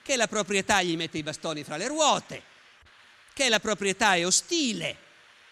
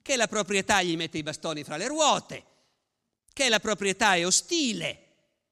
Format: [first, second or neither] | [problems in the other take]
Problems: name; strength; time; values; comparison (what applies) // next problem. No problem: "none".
second | hiss; faint; throughout; 30 dB below the speech